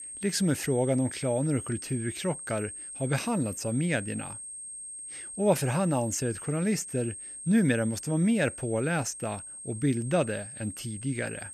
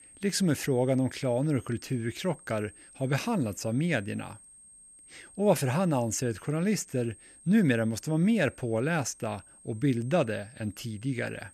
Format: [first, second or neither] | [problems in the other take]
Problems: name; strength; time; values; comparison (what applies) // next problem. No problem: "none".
second | high-pitched whine; loud; throughout; 8.5 kHz, 9 dB below the speech; faint in the second